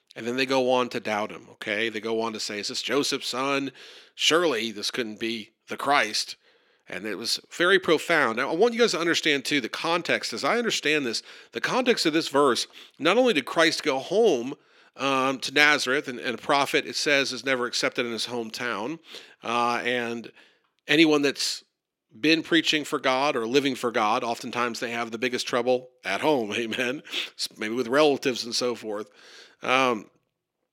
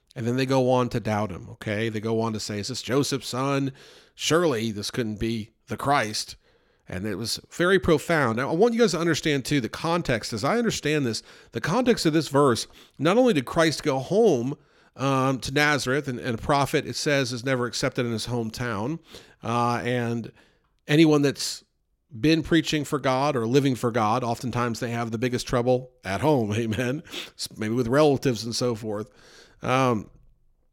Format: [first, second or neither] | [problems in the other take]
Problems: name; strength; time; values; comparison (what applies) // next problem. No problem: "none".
second | thin; very slightly; fading below 300 Hz